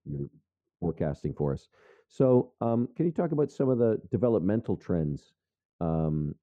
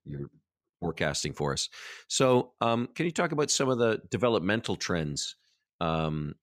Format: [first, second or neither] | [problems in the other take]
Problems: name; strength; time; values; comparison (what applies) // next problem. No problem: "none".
second | muffled; very; fading above 1.5 kHz